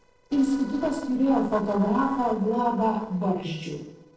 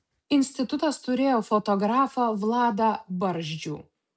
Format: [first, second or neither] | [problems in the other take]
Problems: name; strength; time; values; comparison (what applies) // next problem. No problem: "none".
second | noise reduction (neural separator model SepFormer DNS4)